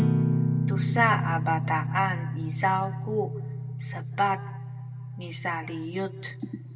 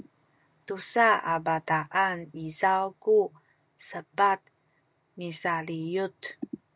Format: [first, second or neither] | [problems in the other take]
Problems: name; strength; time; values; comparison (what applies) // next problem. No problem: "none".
second | background sound (Guitar); 1 dB above the speech // room echo; dies away in 1.1 s